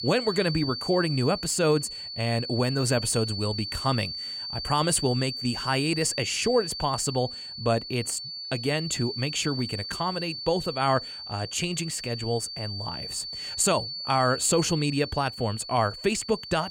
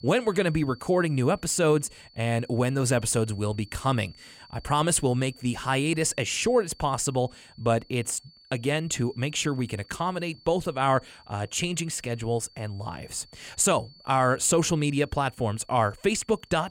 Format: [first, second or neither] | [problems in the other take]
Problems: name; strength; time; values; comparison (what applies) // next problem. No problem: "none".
second | high-pitched whine; loud; throughout; 4.5 kHz, 6 dB below the speech; faint in the second